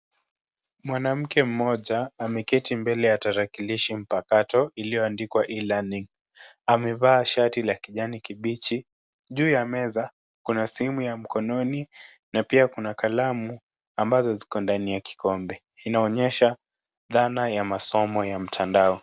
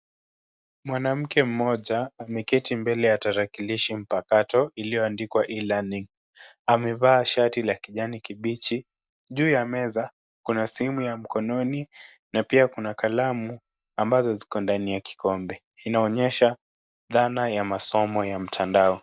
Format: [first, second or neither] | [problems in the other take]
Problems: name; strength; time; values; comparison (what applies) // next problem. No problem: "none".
first | noise reduction (neural mask model DeepFilterNet 3)